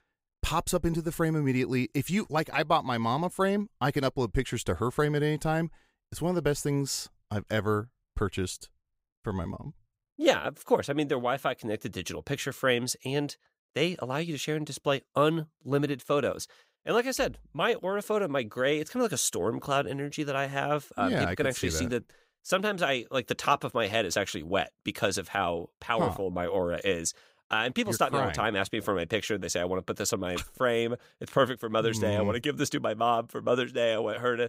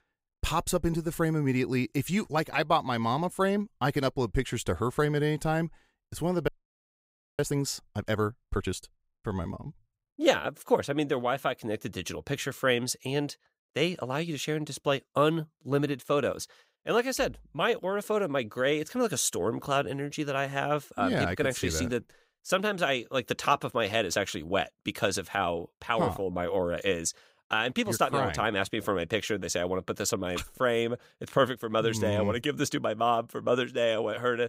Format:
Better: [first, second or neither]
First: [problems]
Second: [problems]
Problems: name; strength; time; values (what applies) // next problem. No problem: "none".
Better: first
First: none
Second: audio freezing; at 6.5 s for 1 s